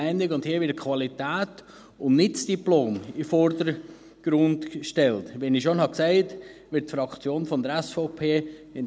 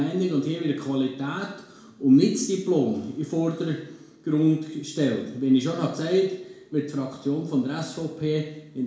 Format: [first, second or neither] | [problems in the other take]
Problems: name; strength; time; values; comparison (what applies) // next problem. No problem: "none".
first | room echo; dies away in 0.6 s